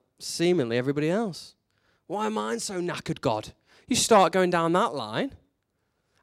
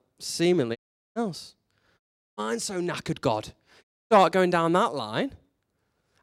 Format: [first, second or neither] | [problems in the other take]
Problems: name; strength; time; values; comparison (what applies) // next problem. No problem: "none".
first | audio cutting out; at 1 s, at 2 s and at 4 s